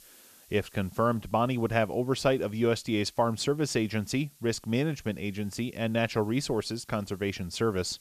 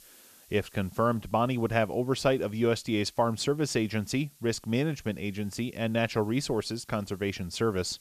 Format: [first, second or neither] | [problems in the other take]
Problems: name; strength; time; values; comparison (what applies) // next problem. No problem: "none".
neither | hiss; faint; throughout; 25 dB below the speech; the same in both